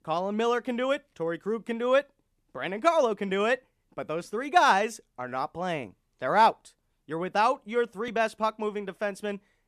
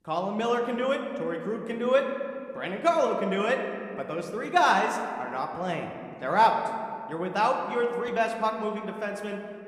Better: first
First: none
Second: room echo; slight; dies away in 1.9 s

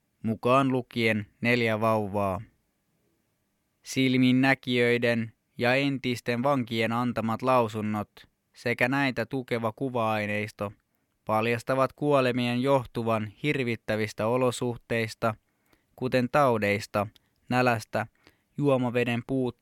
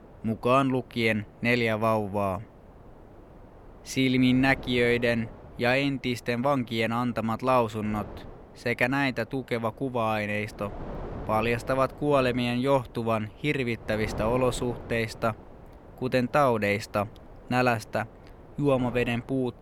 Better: first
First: none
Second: wind noise on the microphone; occasional gusts; 20 dB below the speech

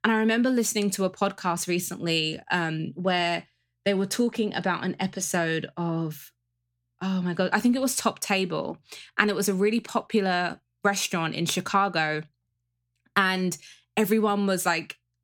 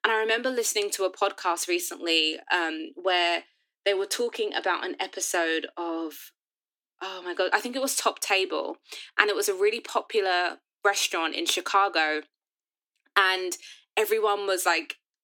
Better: first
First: none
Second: thin; very; fading below 300 Hz

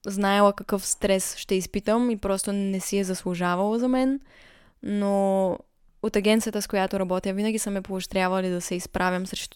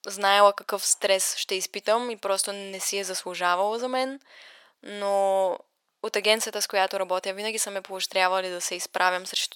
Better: first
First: none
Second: thin; very; fading below 700 Hz

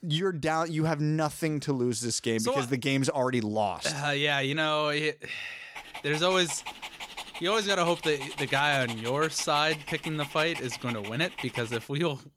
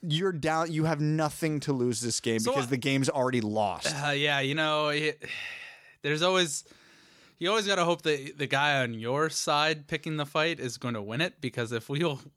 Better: second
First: dog barking; noticeable; from 6 to 12 s; peak 8 dB below the speech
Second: none

